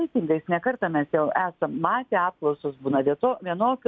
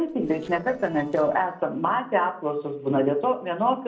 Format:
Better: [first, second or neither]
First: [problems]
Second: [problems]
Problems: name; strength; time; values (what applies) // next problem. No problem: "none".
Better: first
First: none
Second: noise reduction (neural separator model SepFormer DNS4)